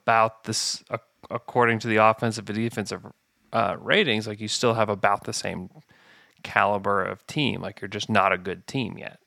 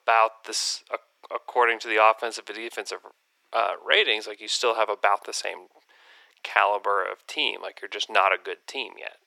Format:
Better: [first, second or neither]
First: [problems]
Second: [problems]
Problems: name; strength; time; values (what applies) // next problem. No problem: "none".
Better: first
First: none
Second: thin; very; fading below 350 Hz